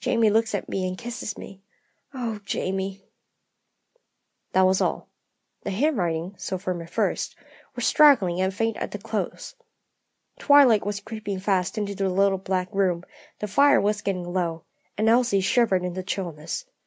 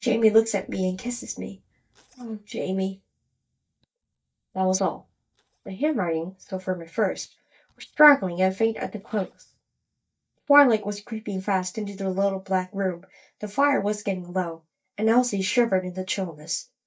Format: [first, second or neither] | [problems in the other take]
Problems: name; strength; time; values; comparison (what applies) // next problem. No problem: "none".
first | noise reduction (neural mask model DeepFilterNet 3)